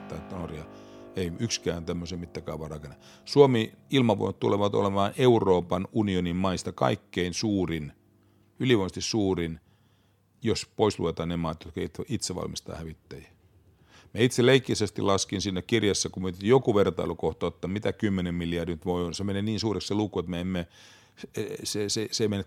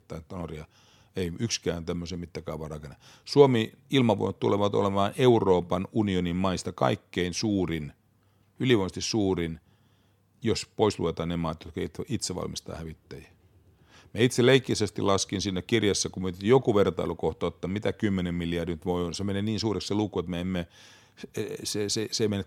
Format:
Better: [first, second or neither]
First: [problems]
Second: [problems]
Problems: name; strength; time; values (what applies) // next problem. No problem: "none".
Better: second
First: background music; faint; throughout; 25 dB below the speech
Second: none